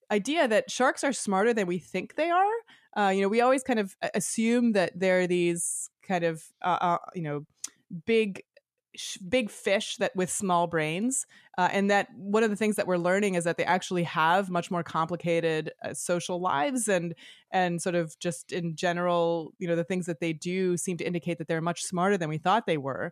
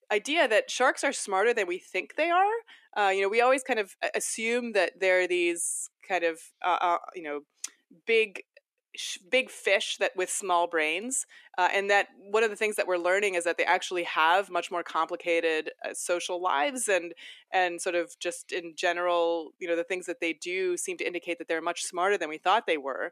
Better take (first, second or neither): first